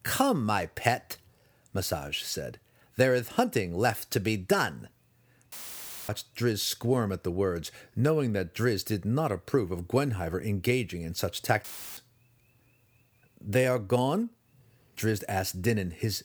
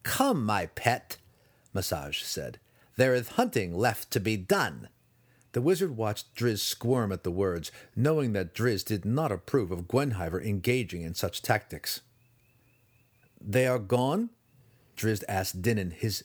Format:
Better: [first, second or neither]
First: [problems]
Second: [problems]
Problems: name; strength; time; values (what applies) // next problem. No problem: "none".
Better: second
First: audio cutting out; filled with static; at 5.5 s for 0.5 s and at 12 s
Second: none